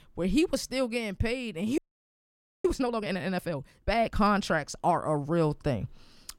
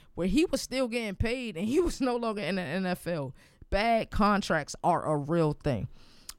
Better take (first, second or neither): second